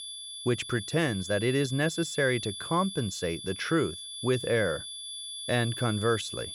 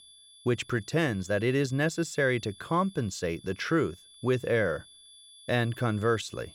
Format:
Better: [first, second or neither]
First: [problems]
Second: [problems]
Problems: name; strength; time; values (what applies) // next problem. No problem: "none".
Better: second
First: high-pitched whine; loud; throughout; 3.5 kHz, 8 dB below the speech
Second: high-pitched whine; faint; throughout; 3.5 kHz, 20 dB below the speech